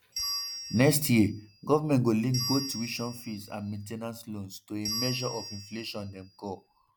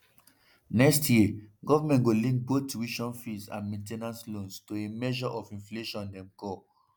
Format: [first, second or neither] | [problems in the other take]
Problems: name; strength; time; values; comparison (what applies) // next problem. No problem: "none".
second | background sound (Bell); 9 dB below the speech